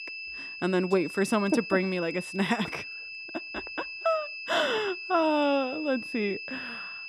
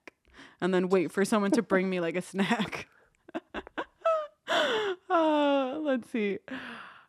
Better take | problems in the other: second | high-pitched whine; loud; throughout; 2.5 kHz, 9 dB below the speech

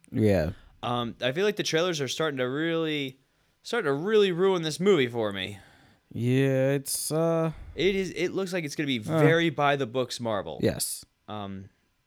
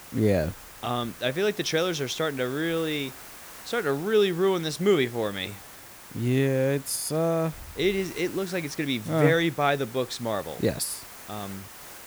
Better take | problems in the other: first | hiss; noticeable; throughout; 15 dB below the speech

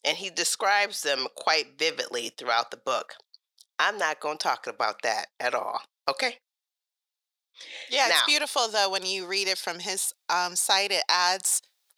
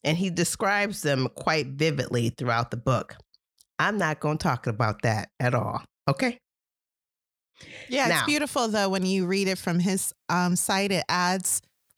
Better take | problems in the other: second | thin; very; fading below 450 Hz

